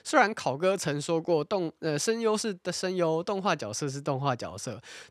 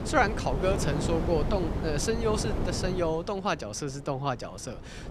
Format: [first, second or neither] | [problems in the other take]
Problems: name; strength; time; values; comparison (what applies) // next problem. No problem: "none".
first | wind noise on the microphone; heavy; 7 dB below the speech